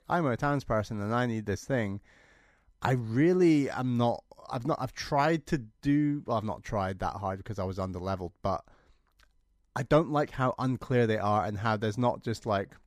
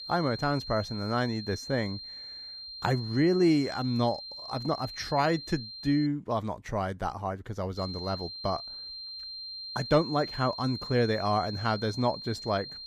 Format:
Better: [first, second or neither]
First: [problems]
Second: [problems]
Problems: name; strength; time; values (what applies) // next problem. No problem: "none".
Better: first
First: none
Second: high-pitched whine; loud; until 6 s and from 8 s on; 4 kHz, 9 dB below the speech